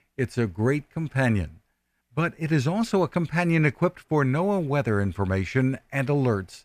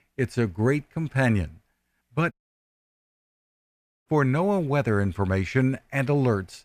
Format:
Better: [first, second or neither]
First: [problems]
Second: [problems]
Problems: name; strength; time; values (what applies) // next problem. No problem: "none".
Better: first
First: none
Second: audio cutting out; at 2.5 s for 1.5 s